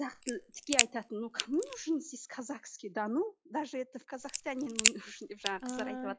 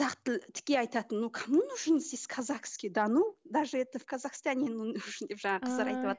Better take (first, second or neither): second